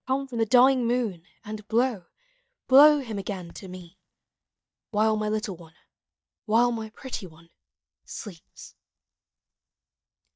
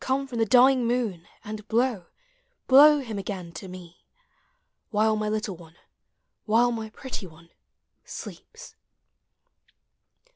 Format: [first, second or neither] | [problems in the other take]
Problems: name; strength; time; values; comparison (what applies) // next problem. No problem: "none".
second | noise reduction (neural mask model DeepFilterNet 3)